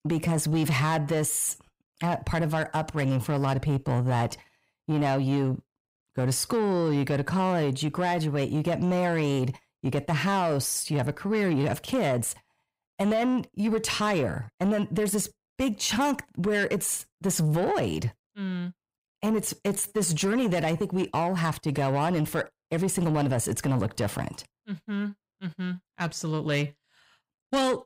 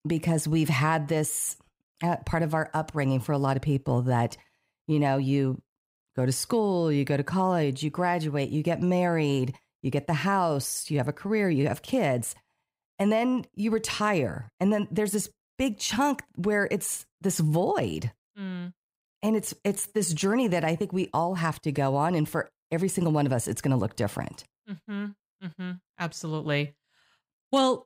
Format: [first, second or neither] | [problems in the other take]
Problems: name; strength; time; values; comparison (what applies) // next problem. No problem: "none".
second | distortion; slight; 10 dB below the speech